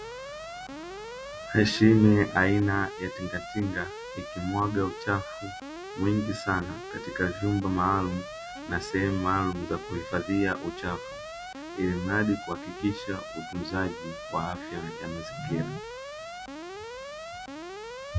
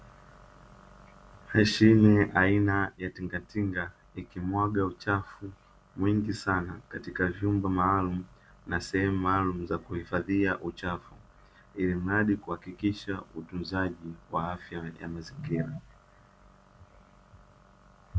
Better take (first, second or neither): second